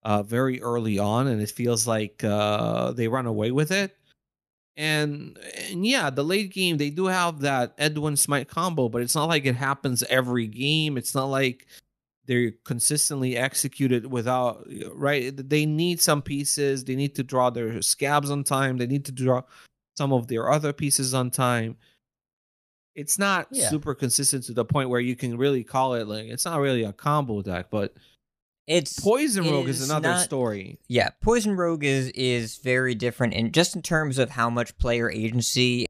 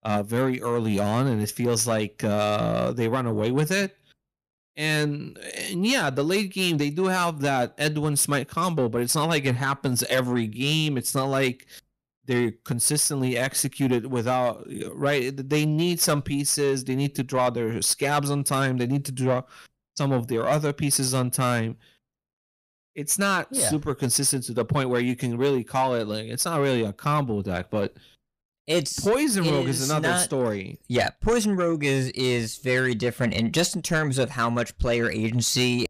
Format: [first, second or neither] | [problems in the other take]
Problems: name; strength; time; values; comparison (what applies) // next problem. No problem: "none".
first | distortion; slight; 10 dB below the speech